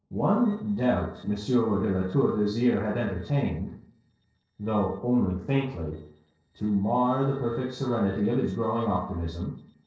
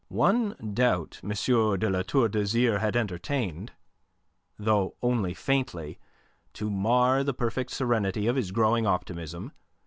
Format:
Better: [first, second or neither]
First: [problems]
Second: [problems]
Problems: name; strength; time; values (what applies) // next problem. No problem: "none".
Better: second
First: noise reduction (neural separator model SepFormer DNS4)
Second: none